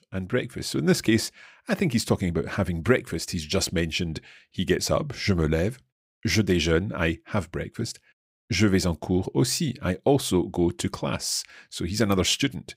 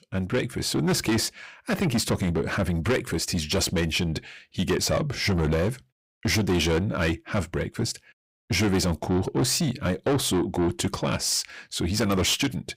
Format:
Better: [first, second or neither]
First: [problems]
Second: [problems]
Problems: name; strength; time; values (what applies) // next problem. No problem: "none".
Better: first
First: none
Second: distortion; heavy; 7 dB below the speech